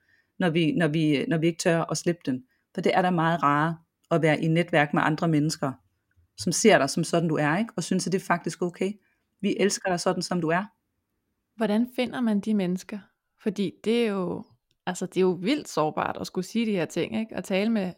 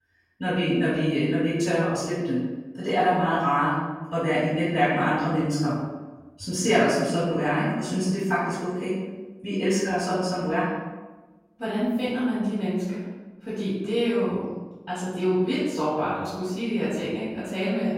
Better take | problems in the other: first | off-mic speech; far // room echo; strong; dies away in 1 s

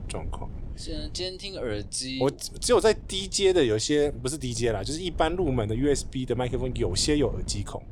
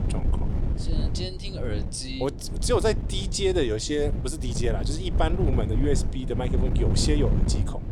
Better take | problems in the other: first | wind noise on the microphone; heavy; 10 dB below the speech; occasional gusts in the first

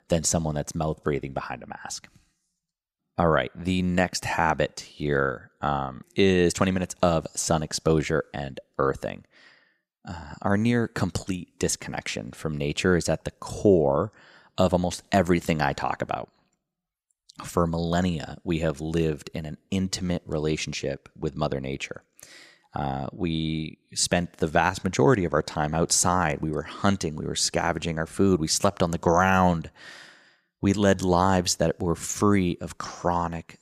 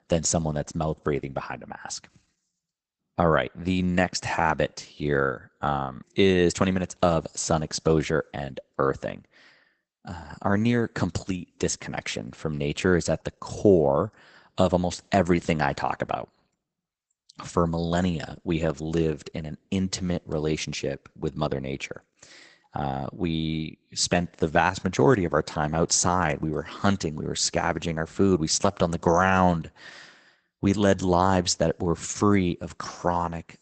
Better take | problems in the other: first | garbled, watery; badly; nothing above 8 kHz

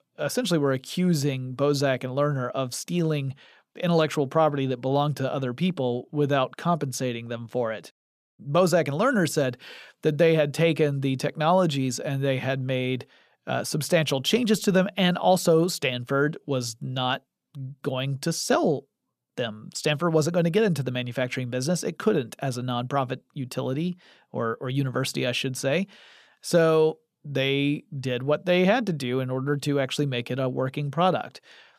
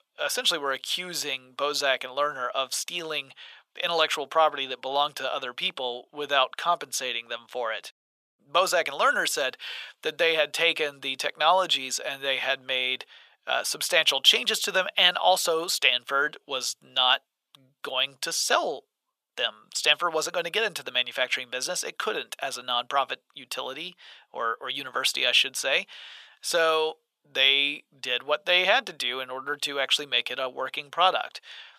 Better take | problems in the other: first | thin; very; fading below 900 Hz

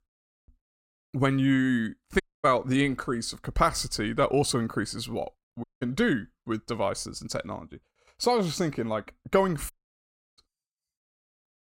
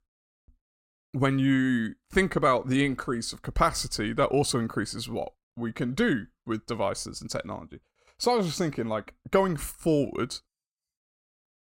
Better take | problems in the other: second | audio cutting out; at 2 s, at 5.5 s and at 9.5 s for 0.5 s

